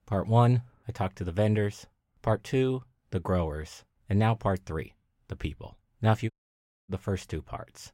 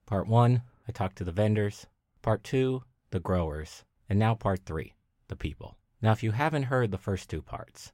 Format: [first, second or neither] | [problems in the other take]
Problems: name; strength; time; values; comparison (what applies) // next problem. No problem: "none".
second | audio cutting out; at 6.5 s for 0.5 s